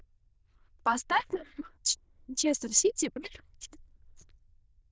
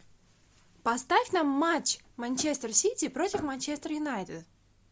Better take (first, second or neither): second